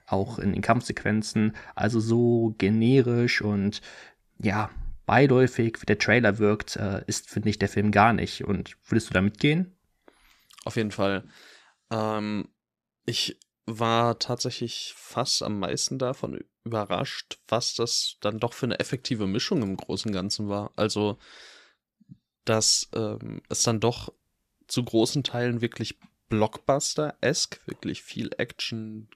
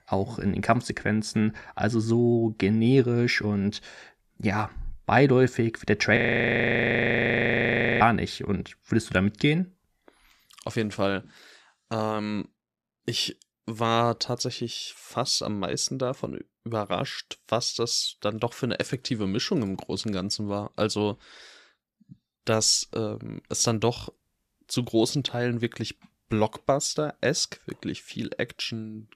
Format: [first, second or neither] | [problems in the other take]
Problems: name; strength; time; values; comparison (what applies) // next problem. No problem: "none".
first | audio freezing; at 6 s for 2 s